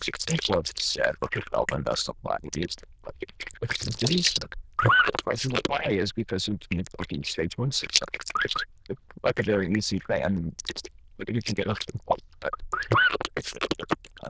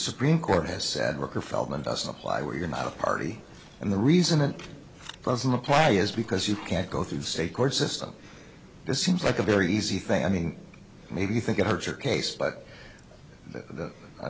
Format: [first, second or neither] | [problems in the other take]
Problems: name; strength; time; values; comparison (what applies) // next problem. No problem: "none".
second | noise reduction (neural diffusion model UNIVERSE++)